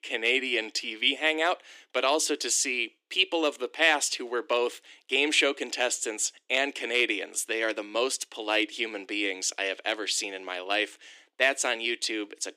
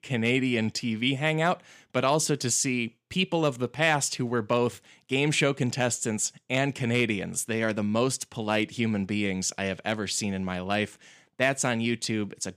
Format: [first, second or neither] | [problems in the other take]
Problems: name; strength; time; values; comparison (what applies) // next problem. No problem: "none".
second | thin; somewhat; fading below 300 Hz